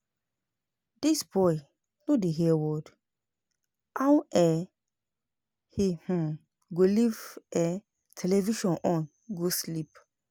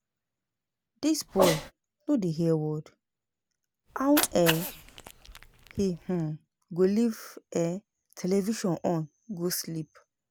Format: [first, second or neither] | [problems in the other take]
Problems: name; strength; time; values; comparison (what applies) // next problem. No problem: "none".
first | background sound (Cat); 8 dB below the speech